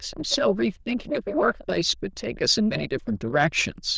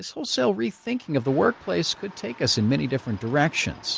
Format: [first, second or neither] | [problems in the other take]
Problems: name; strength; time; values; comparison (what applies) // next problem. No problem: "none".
second | noise reduction (neural diffusion model UNIVERSE++)